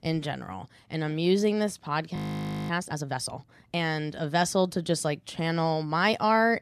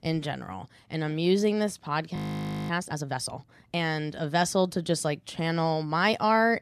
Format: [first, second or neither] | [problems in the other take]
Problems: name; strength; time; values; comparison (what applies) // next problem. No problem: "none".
neither | audio freezing; at 2 s for 0.5 s; the same in both